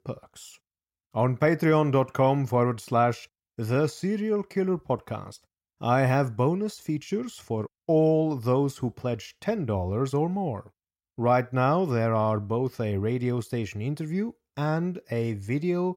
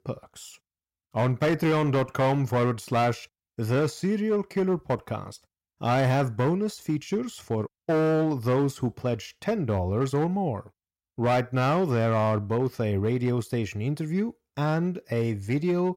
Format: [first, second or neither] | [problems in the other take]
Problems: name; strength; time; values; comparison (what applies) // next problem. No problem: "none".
first | distortion; slight; 8% of the sound clipped